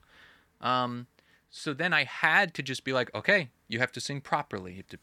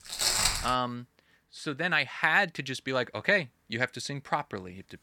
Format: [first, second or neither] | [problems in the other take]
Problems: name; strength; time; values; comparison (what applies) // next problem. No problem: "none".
first | footsteps; loud; at the start; peak 5 dB above the speech